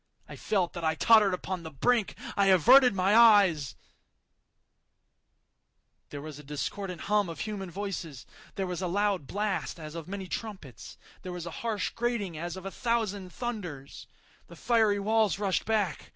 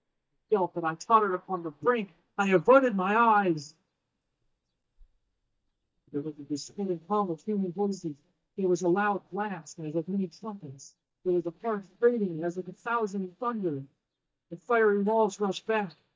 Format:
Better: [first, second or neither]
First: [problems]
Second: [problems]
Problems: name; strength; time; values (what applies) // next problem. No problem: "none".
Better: first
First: none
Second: noise reduction (neural mask model DeepFilterNet 3)